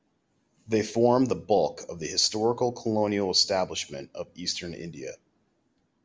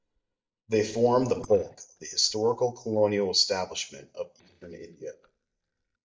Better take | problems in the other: first | noise reduction (neural mask model DeepFilterNet 3)

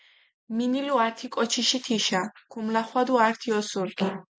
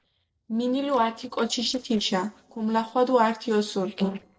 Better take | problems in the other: first | noise reduction (neural separator model SepFormer DNS4)

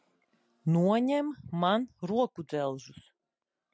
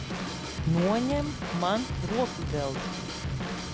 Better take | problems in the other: first | background sound (Drum / Drum kit); 2 dB below the speech

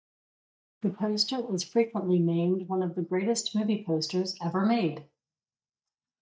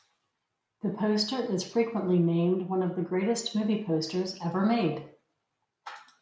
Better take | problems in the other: second | noise reduction (neural mask model DeepFilterNet 3)

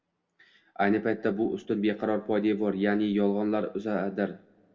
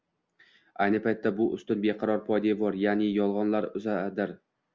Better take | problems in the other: second | room echo; dies away in 1 s

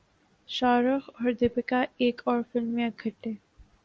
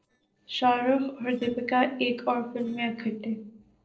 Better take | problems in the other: first | noise reduction (neural separator model SepFormer DNS4)

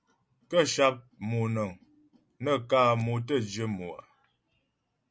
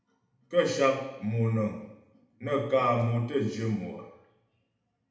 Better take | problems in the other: first | room echo; dies away in 0.8 s

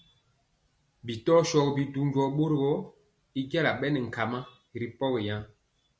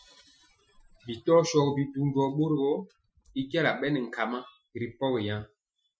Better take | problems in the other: first | noise reduction (classical method Wiener filter)

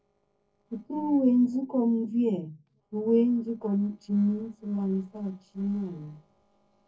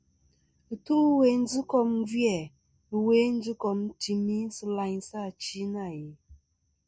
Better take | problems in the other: second | noise reduction (neural separator model SepFormer DNS4)

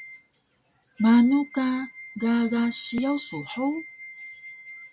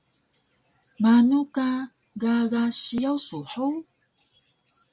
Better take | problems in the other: second | background sound (Wind instrument, woodwind instrument); 17 dB below the speech

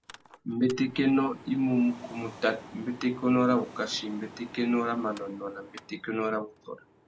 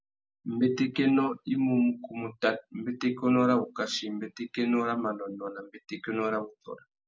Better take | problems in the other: second | background sound (Mechanical fan); 19 dB below the speech

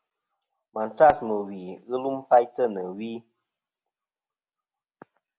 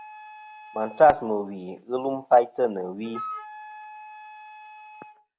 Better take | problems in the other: first | background sound (Wind instrument, woodwind instrument); 17 dB below the speech

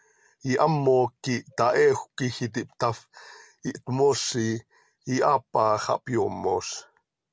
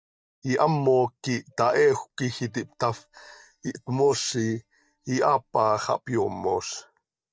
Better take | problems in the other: first | noise reduction (neural mask model DeepFilterNet 3)

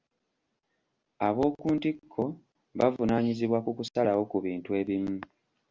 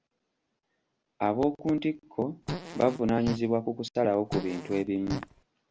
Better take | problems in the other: first | background sound (Fart); 8 dB below the speech

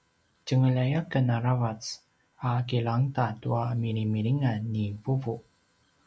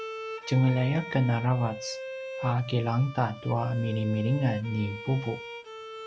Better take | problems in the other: first | background sound (Bowed string instrument); 11 dB below the speech

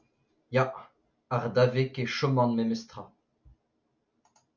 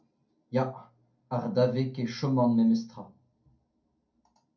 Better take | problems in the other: first | room echo; dies away in 0.2 s

